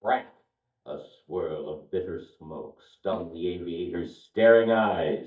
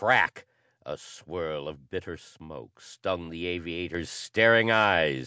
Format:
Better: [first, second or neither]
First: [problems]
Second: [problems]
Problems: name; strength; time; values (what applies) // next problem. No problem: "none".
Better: second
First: noise reduction (neural mask model DeepFilterNet 3)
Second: none